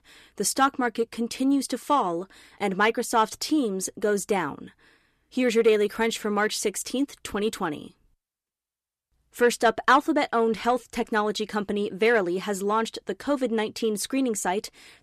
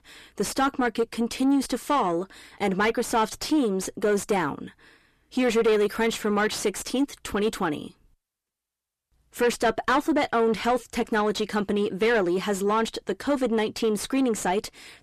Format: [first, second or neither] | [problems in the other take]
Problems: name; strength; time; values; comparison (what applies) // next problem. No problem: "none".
first | distortion; slight; 10 dB below the speech